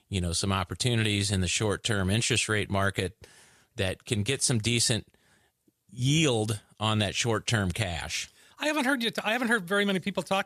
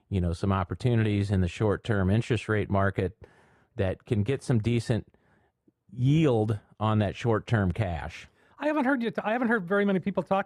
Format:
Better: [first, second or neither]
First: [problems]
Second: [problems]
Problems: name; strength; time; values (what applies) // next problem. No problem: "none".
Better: first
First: none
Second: muffled; very; fading above 2.5 kHz